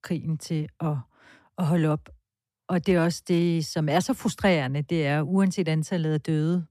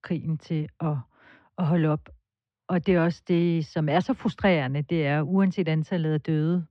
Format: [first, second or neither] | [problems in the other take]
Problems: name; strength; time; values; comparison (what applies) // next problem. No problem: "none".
first | muffled; slightly; fading above 3.5 kHz